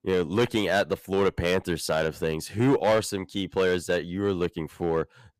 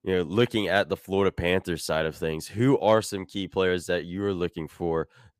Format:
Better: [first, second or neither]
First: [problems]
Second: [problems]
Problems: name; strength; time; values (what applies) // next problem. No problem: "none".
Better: second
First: distortion; slight; 4% of the sound clipped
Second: none